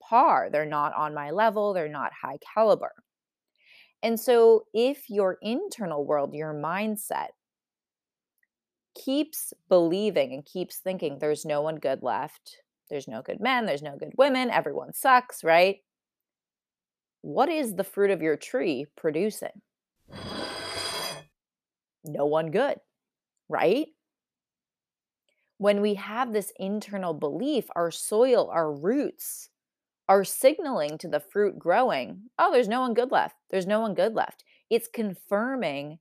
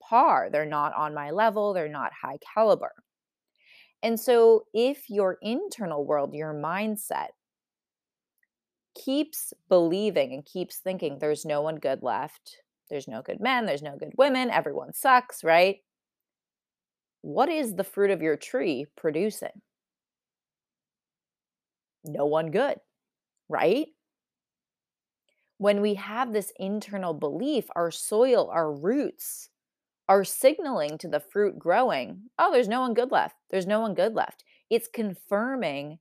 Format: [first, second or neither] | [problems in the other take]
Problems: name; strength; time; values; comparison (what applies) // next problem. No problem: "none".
second | clattering dishes; noticeable; from 20 to 21 s; peak 4 dB below the speech